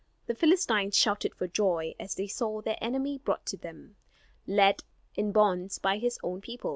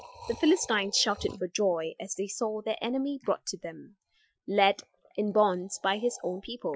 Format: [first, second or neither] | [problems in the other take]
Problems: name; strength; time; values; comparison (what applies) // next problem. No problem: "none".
first | noise reduction (classical method Wiener filter)